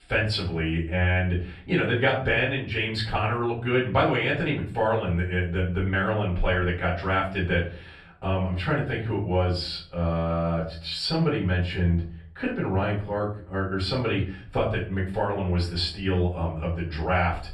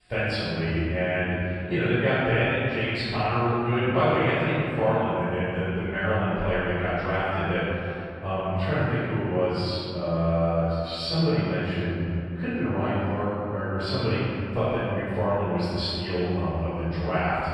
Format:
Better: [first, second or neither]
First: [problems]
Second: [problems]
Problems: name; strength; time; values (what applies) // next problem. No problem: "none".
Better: first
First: room echo; slight; dies away in 0.4 s // off-mic speech; far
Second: room echo; strong; dies away in 2.6 s // off-mic speech; far